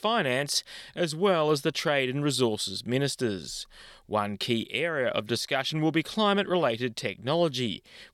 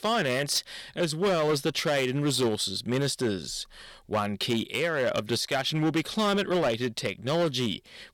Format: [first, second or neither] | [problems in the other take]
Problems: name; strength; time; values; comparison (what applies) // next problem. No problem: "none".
first | distortion; slight; 10% of the sound clipped